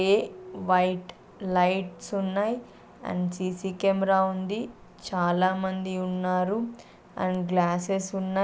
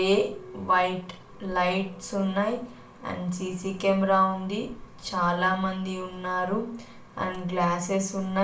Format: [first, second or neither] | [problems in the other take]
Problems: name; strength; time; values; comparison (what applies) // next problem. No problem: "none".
first | room echo; dies away in 0.4 s